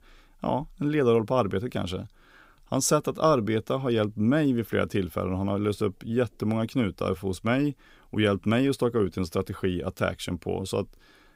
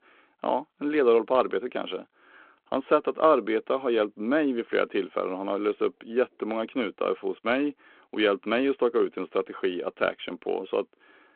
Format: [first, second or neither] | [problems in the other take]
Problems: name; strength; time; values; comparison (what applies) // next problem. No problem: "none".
first | phone-call audio